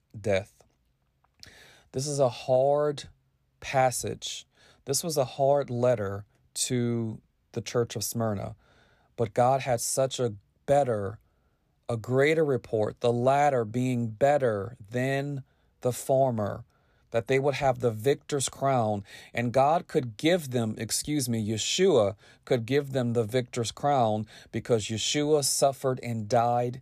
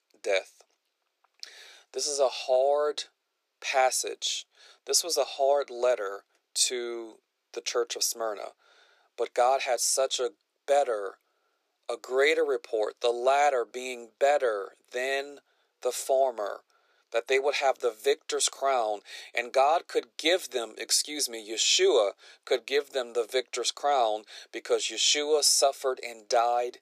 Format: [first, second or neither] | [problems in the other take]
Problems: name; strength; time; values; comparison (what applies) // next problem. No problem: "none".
first | thin; very; fading below 350 Hz